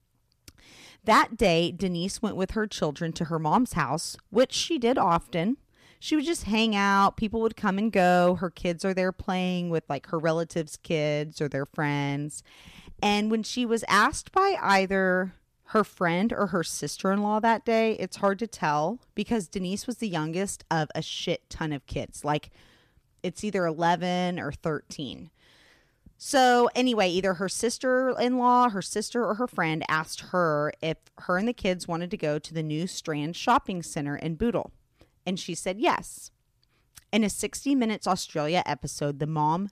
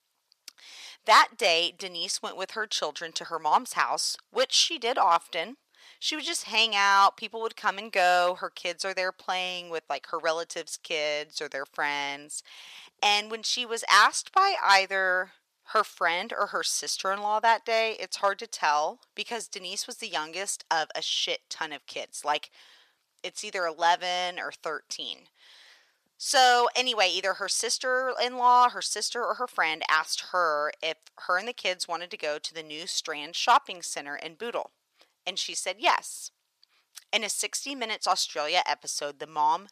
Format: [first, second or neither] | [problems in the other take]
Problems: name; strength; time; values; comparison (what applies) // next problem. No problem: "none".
first | thin; very; fading below 750 Hz